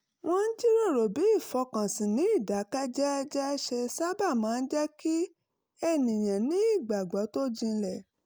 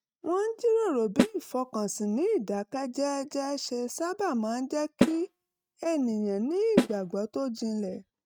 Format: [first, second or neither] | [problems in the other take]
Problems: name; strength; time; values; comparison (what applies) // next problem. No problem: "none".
first | noise reduction (neural mask model RNNoise)